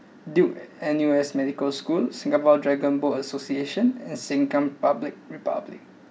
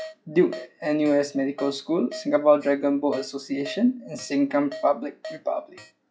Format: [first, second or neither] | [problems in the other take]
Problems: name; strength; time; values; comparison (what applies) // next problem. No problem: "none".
first | noise reduction (classical method log-MMSE)